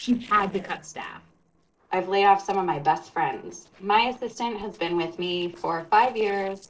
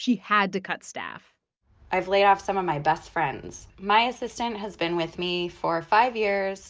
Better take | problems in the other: second | noise reduction (neural separator model SepFormer DNS4)

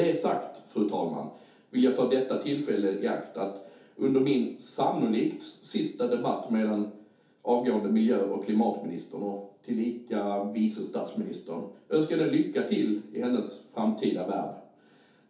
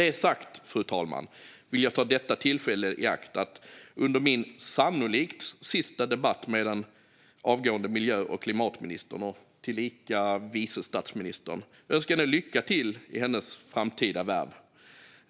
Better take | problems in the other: second | room echo; dies away in 0.5 s

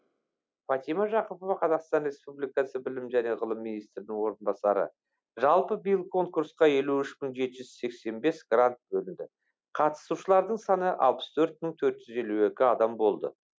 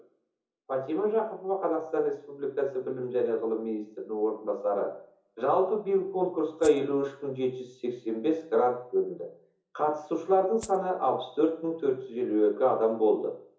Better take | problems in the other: first | background sound (Rattle (instrument)); 18 dB below the speech // room echo; dies away in 0.7 s

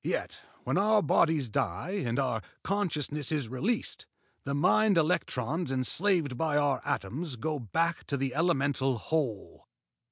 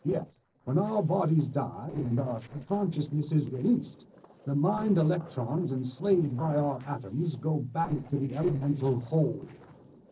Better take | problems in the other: first | noise reduction (neural separator model SepFormer DNS4)

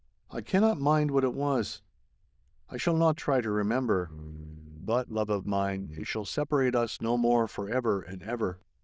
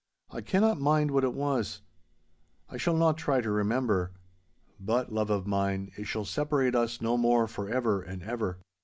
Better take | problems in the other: second | noise reduction (neural diffusion model UNIVERSE++)

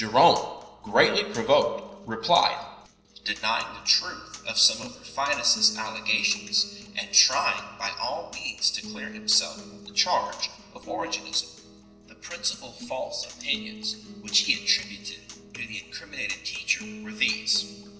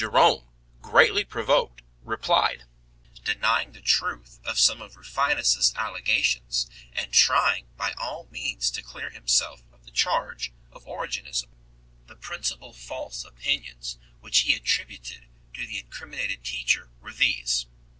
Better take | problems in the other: second | noise reduction (neural separator model SepFormer DNS4)

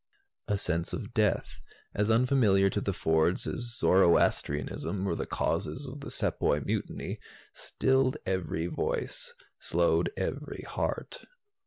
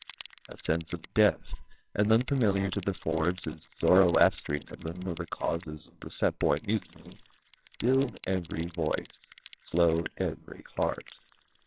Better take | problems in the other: first | noise reduction (neural separator model SepFormer WHAMR!)

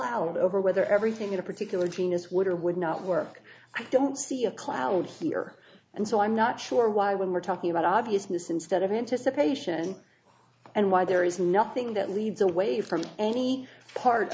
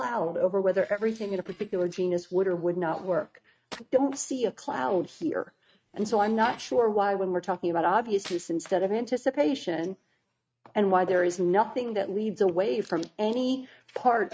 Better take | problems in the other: first | noise reduction (neural mask model RNNoise)

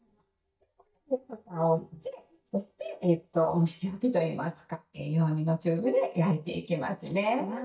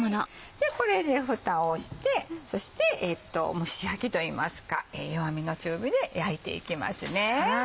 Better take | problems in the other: second | noise reduction (neural mask model DeepFilterNet 3)

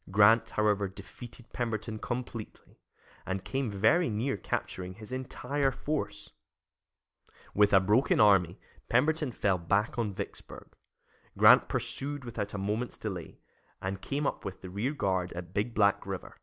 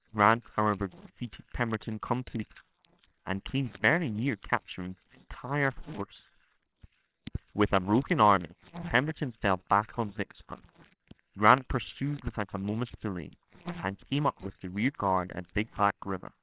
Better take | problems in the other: first | noise reduction (neural separator model SepFormer WHAMR!)

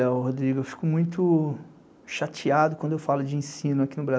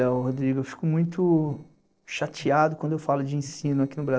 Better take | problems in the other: first | noise reduction (neural separator model SepFormer DNS4)

